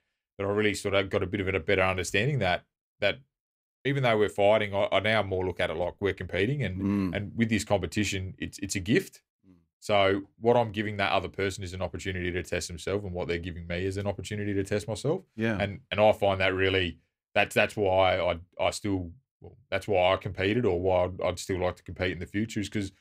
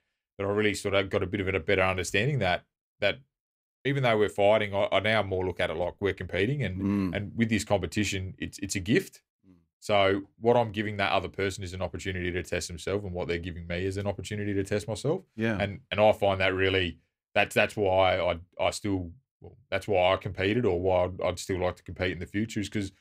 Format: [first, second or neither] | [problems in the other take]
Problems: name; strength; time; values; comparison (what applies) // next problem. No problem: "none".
neither | none